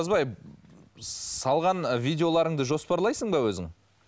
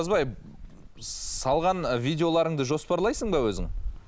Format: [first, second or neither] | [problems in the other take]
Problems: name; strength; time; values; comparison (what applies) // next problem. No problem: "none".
first | background sound (Gull, seagull); 11 dB below the speech